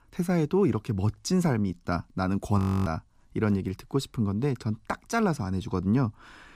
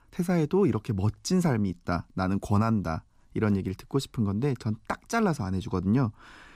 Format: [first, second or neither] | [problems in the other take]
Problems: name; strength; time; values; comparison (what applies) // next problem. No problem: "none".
second | audio freezing; at 2.5 s